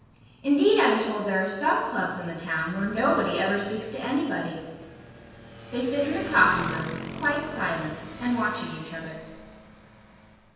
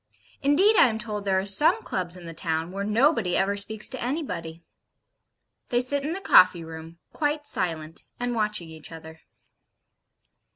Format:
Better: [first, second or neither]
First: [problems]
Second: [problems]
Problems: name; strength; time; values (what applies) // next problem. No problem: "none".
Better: second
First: background sound (Motorcycle); 14 dB below the speech // room echo; dies away in 1.2 s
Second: none